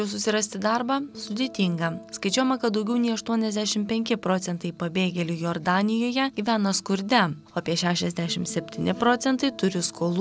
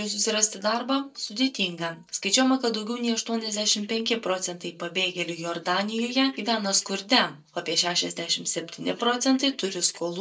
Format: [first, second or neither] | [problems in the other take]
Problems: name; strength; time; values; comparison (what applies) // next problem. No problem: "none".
first | noise reduction (neural mask model DeepFilterNet 3)